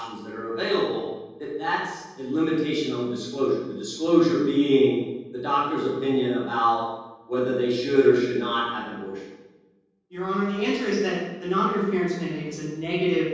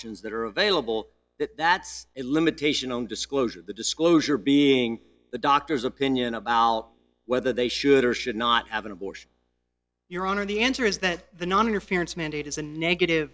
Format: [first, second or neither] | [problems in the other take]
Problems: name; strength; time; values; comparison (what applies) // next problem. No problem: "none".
second | room echo; dies away in 1.3 s